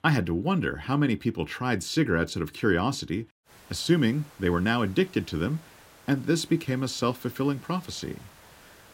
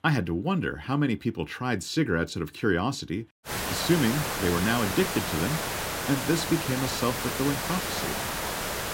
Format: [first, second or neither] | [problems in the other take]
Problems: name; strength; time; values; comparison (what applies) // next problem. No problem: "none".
first | hiss; loud; from 3.5 s on; 2 dB below the speech; faint in the first